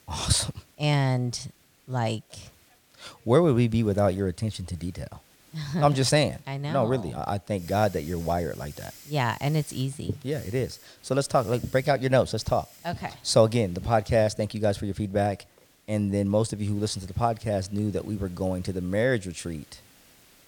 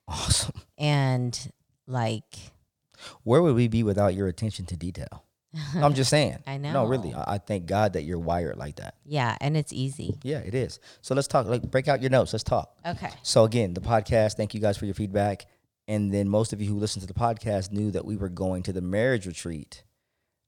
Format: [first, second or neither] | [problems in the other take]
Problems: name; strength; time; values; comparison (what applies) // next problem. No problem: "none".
second | hiss; faint; throughout; 25 dB below the speech